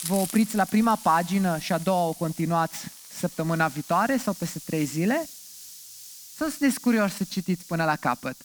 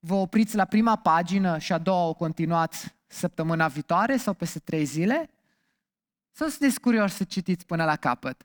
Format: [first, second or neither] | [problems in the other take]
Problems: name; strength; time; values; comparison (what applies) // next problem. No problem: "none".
second | hiss; noticeable; throughout; 15 dB below the speech